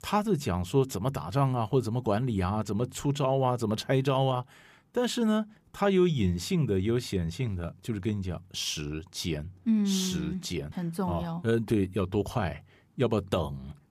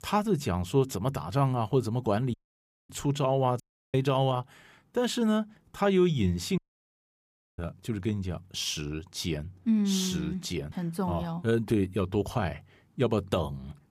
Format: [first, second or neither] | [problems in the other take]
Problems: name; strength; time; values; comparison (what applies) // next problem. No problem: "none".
first | audio cutting out; at 2.5 s for 0.5 s, at 3.5 s and at 6.5 s for 1 s